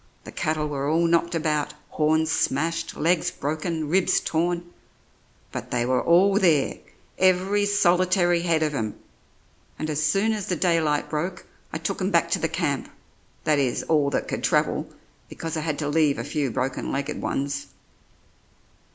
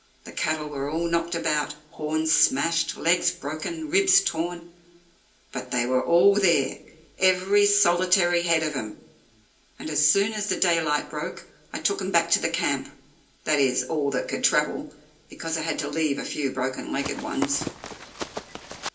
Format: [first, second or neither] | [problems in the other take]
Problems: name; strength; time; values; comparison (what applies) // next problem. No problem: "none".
first | background sound (Run); 9 dB below the speech // room echo; dies away in 0.3 s